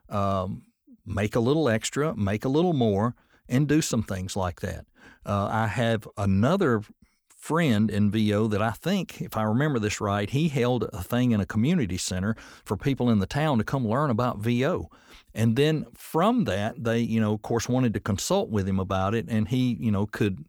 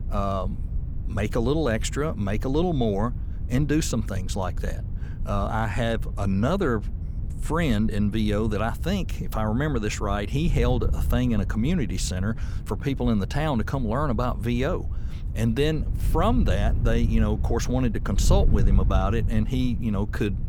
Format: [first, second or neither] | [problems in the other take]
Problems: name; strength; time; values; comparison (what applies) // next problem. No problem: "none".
first | wind noise on the microphone; occasional gusts; 15 dB below the speech